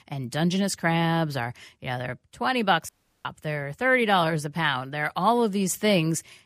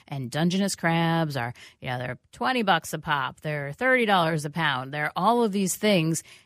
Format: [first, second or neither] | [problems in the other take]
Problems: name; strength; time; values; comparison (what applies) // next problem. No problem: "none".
second | audio cutting out; at 3 s